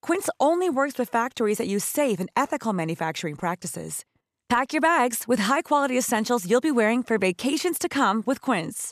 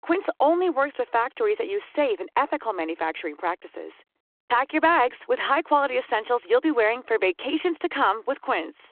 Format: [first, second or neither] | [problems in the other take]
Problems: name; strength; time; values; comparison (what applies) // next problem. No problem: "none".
first | phone-call audio